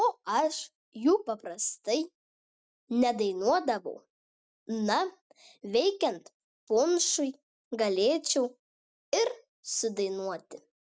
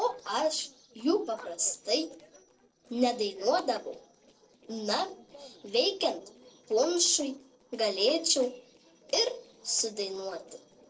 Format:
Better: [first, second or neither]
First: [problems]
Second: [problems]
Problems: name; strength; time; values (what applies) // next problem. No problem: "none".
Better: first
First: none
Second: noise reduction (neural separator model SepFormer DNS4)